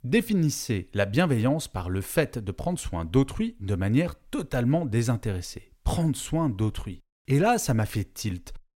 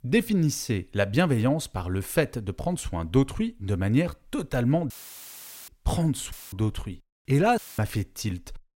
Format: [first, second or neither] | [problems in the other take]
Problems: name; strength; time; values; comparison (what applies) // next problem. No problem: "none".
first | audio cutting out; filled with static; at 5 s for 1 s, at 6.5 s and at 7.5 s